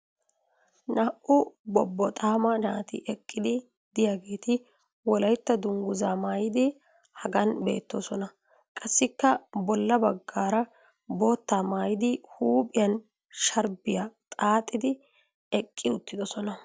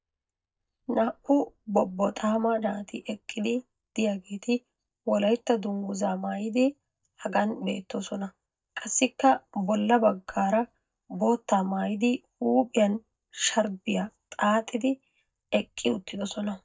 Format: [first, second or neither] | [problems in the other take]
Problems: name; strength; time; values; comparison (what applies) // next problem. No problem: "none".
first | noise reduction (neural mask model DeepFilterNet 3)